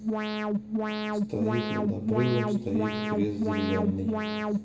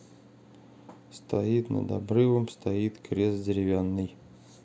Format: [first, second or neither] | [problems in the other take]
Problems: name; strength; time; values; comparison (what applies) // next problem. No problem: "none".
second | background sound (Alarm); 2 dB above the speech // room echo; dies away in 2.3 s